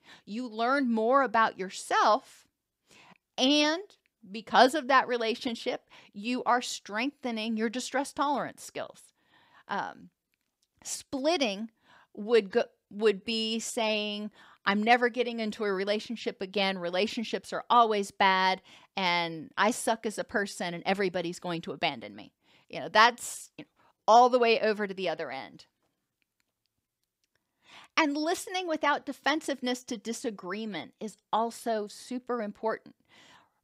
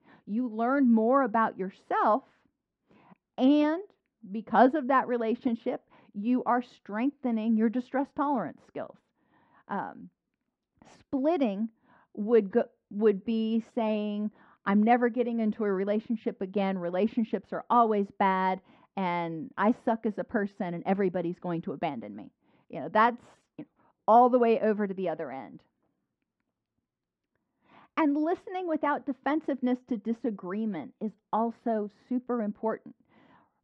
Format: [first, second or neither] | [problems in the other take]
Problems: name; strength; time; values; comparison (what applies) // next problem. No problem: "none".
first | muffled; very; fading above 1.5 kHz